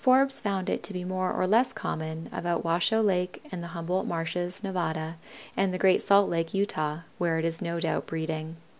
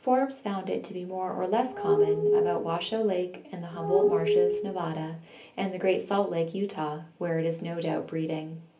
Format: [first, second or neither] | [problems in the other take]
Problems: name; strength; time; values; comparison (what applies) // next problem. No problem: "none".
first | background sound (Glass); 3 dB above the speech // room echo; dies away in 0.3 s